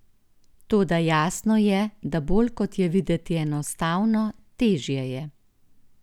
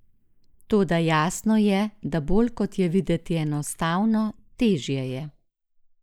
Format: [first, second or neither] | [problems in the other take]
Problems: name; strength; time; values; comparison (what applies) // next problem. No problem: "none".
first | noise reduction (neural mask model Resemble Enhance denoiser)